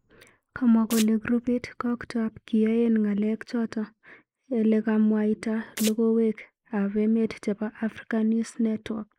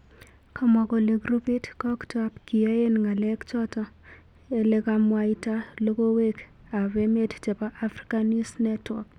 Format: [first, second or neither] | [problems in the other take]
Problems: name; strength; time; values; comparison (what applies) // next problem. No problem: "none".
second | noise reduction (neural mask model Resemble Enhance denoiser)